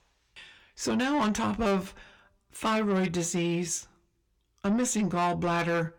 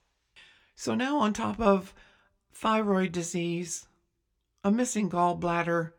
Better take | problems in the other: second | distortion; heavy; 8 dB below the speech

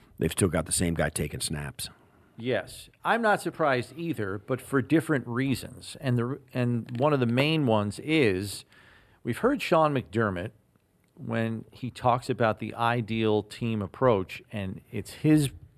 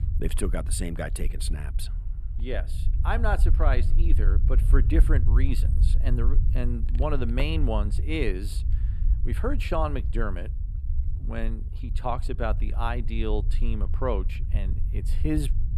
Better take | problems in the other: first | low rumble; noticeable; throughout; 15 dB below the speech

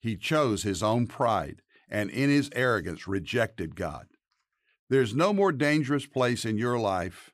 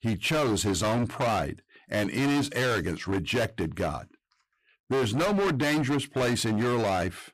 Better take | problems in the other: first | distortion; heavy; 24% of the sound clipped

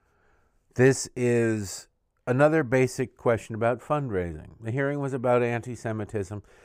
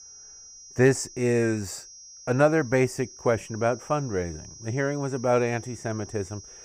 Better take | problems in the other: first | high-pitched whine; noticeable; throughout; 5.5 kHz, 20 dB below the speech

